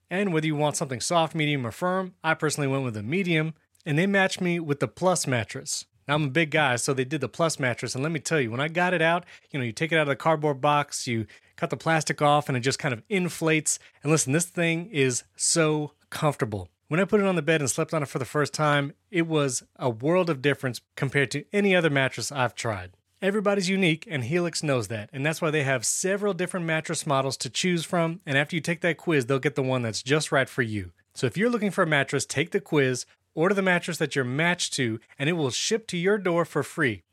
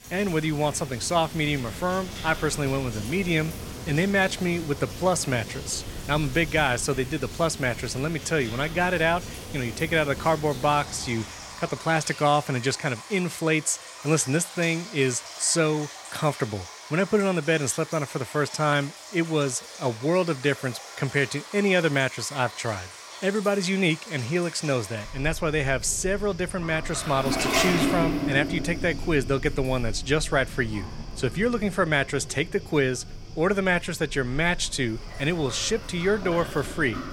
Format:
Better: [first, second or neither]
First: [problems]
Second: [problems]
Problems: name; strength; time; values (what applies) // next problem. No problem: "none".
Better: first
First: none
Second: rain or running water; noticeable; throughout; 10 dB below the speech